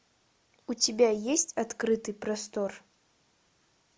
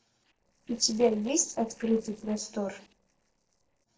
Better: first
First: none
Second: noise reduction (neural separator model SepFormer DNS4)

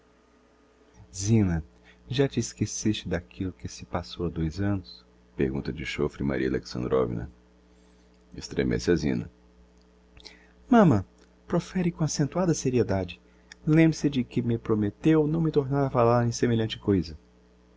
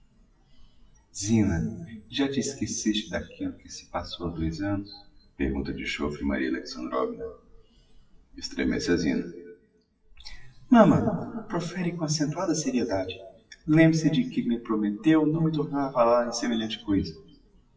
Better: first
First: none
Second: noise reduction (classical method WPE with log-MMSE)

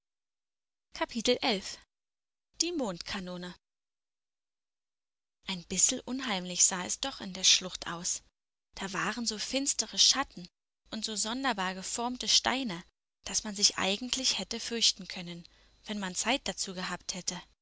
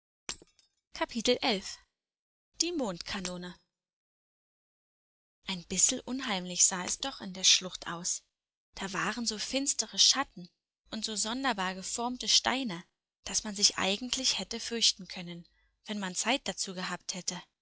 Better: first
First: none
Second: noise reduction (classical method log-MMSE)

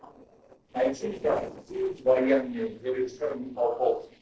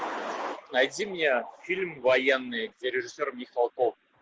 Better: second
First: noise reduction (neural separator model SepFormer DNS4)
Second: none

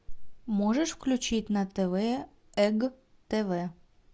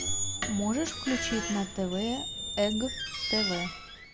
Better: first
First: none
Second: background sound (Squeak); 3 dB below the speech

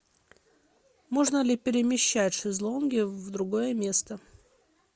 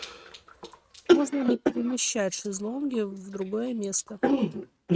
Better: first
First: none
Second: noise reduction (neural mask model RNNoise)

